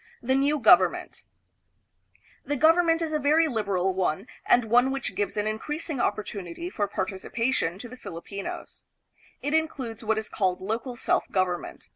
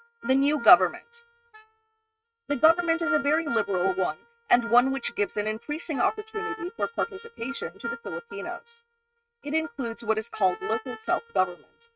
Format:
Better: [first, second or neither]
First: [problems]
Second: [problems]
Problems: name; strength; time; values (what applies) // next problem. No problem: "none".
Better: first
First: none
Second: noise reduction (neural mask model RNNoise)